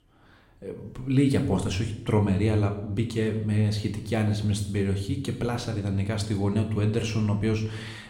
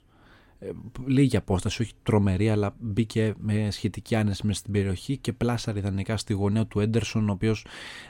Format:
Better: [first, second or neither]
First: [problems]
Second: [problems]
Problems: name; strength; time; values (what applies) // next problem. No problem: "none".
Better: second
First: room echo; slight; dies away in 0.7 s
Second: none